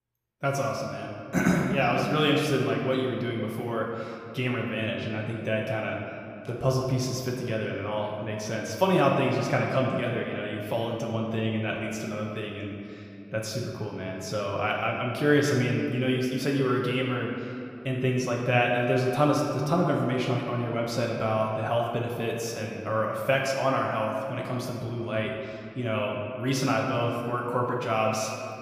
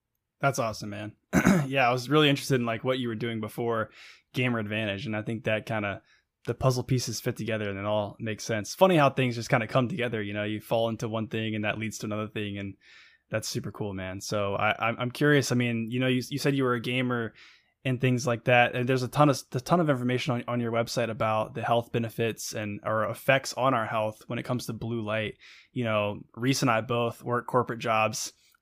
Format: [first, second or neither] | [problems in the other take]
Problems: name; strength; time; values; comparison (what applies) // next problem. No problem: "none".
second | room echo; noticeable; dies away in 2.2 s // off-mic speech; somewhat distant